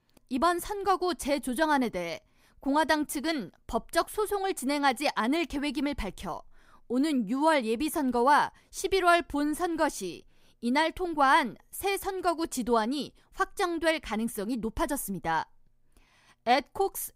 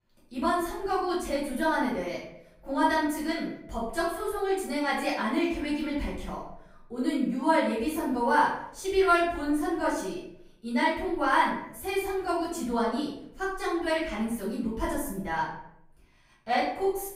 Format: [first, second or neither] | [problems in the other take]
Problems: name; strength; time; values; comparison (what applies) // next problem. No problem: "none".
first | room echo; noticeable; dies away in 0.6 s // off-mic speech; far